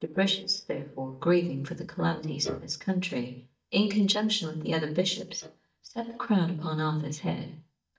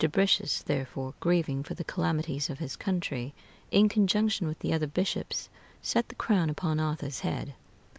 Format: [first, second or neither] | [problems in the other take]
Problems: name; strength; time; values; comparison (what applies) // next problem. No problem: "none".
second | noise reduction (neural mask model DeepFilterNet 3)